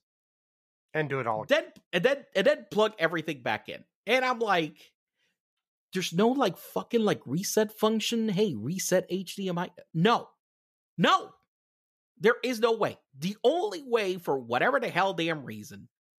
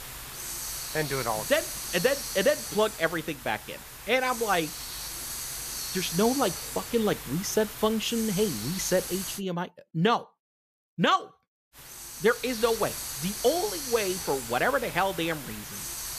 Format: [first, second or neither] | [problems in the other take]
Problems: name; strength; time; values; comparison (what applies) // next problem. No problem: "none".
first | hiss; loud; until 9.5 s and from 12 s on; 6 dB below the speech